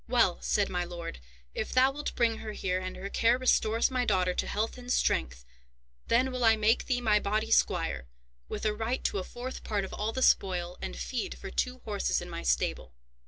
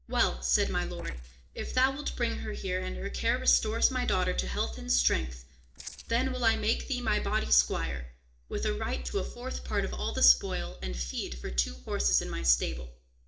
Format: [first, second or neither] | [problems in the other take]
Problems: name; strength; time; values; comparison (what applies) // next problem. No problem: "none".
first | noise reduction (neural separator model SepFormer DNS4)